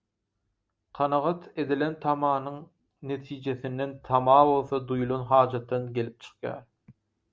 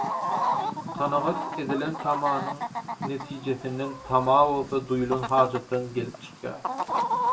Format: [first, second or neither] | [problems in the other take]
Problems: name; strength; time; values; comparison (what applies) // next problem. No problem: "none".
first | background sound (Chicken, rooster); 4 dB below the speech // room echo; dies away in 0.2 s